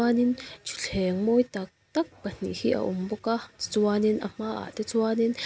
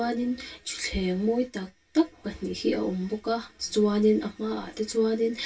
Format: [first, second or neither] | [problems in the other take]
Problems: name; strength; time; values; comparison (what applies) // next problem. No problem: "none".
first | room echo; dies away in 0.1 s